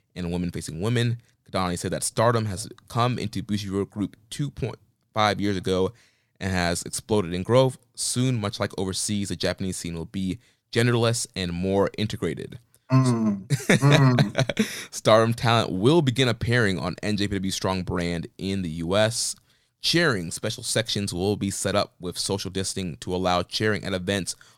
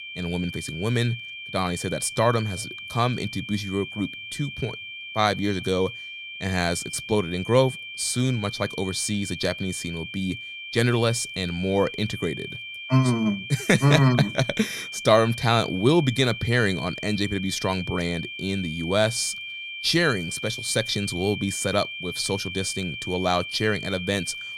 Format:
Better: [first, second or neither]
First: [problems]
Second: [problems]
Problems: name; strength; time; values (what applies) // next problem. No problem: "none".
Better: first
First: none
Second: high-pitched whine; loud; throughout; 2.5 kHz, 9 dB below the speech